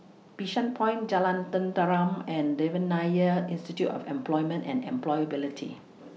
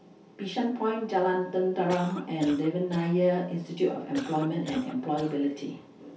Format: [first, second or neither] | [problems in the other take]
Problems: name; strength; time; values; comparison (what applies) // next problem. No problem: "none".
first | background sound (Cough); 15 dB below the speech // room echo; dies away in 0.3 s